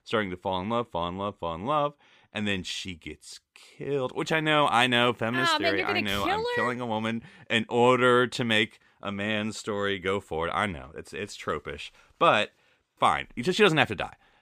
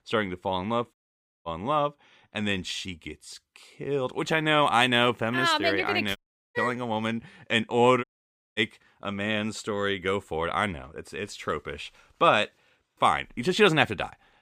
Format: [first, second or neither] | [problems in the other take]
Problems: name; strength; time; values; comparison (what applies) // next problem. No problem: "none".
first | audio cutting out; at 1 s for 0.5 s, at 6 s and at 8 s for 0.5 s